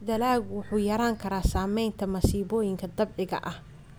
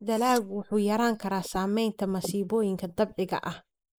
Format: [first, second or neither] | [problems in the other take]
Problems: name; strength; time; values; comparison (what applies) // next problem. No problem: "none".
first | noise reduction (neural mask model Resemble Enhance denoiser)